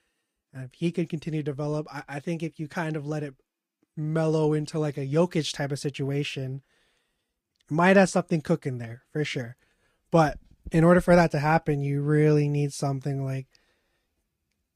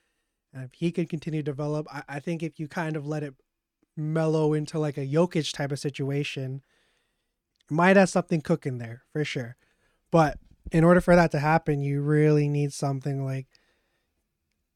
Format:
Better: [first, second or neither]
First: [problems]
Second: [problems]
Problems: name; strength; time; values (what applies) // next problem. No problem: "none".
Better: second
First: garbled, watery; slightly; nothing above 14.5 kHz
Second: none